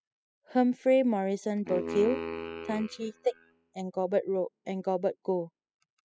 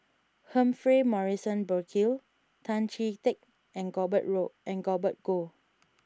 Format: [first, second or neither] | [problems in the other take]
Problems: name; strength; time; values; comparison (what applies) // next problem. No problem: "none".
second | noise reduction (classical method spectral subtraction)